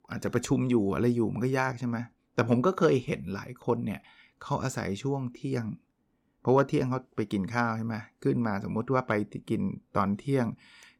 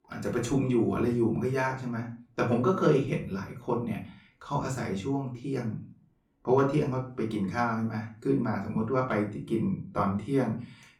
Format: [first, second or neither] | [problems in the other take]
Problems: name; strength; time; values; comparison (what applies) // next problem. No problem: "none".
first | room echo; slight; dies away in 0.3 s // off-mic speech; far